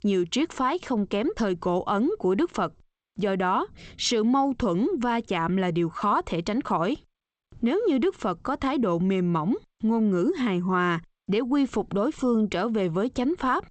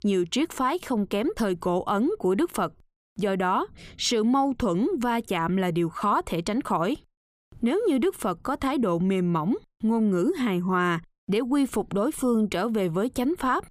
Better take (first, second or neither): second